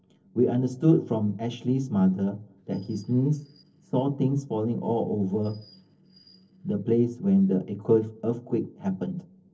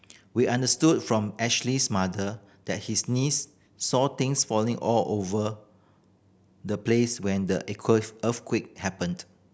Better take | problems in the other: second | noise reduction (neural separator model SepFormer DNS4)

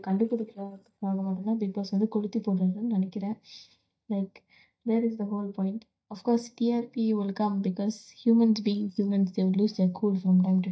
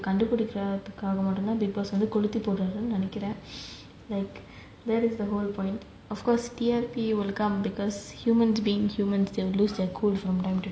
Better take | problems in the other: second | noise reduction (neural mask model DeepFilterNet 3)

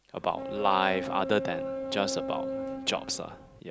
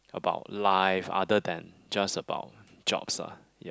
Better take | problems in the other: second | background sound (Boat, Water vehicle); 5 dB below the speech

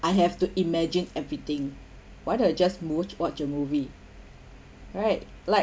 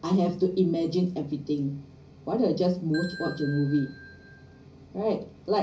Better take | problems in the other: first | background sound (Ringtone / Bell); 15 dB below the speech // room echo; dies away in 0.5 s

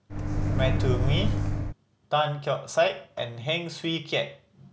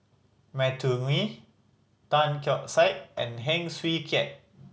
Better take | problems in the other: second | background sound (Microwave oven); 4 dB above the speech

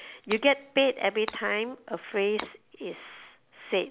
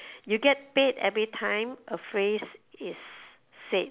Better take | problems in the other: second | background sound (Shatter); 16 dB below the speech

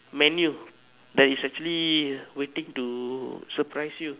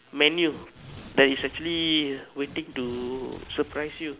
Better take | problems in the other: first | background sound (Tearing); 19 dB below the speech

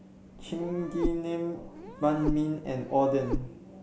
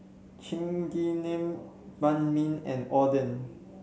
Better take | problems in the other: second | background sound (Meow); 6 dB below the speech

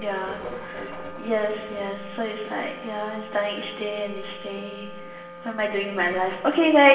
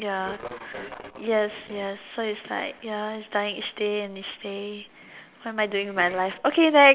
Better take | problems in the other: second | background sound (Wind instrument, woodwind instrument); 16 dB below the speech // room echo; dies away in 1.1 s

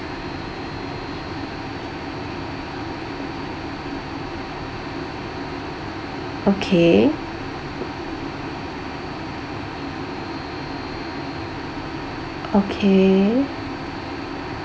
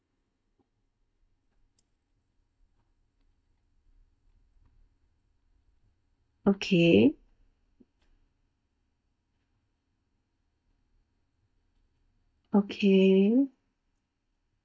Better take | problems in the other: first | noise reduction (neural mask model DeepFilterNet 3)

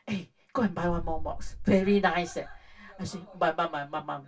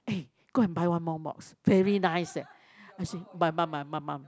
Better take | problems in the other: second | background sound (Boom); 8 dB below the speech // room echo; dies away in 0.1 s

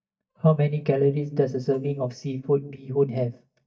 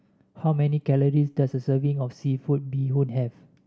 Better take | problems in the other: second | noise reduction (neural mask model DeepFilterNet 3)

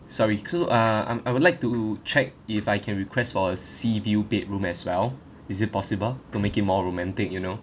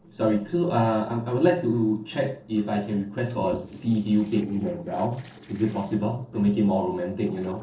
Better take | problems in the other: first | noise reduction (neural separator model SepFormer DNS4)

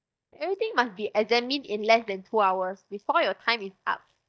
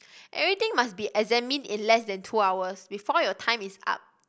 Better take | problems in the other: second | noise reduction (neural mask model DeepFilterNet 3)

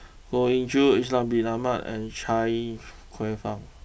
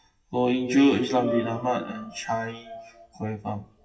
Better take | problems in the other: first | noise reduction (classical method WPE with log-MMSE)

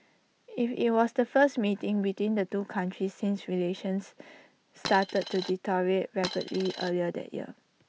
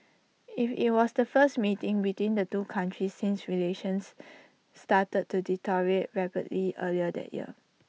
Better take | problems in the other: second | background sound (Coin (dropping)); 9 dB below the speech

